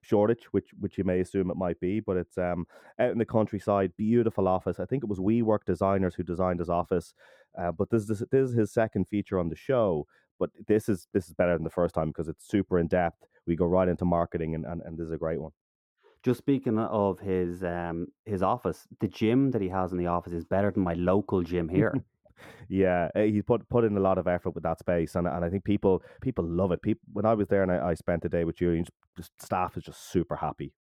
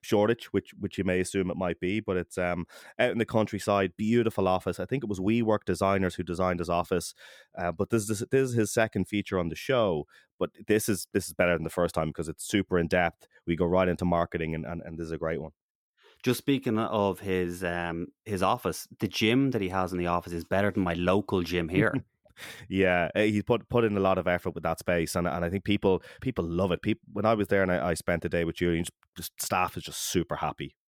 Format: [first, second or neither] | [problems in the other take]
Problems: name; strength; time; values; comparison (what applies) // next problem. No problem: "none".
second | muffled; slightly; fading above 1.5 kHz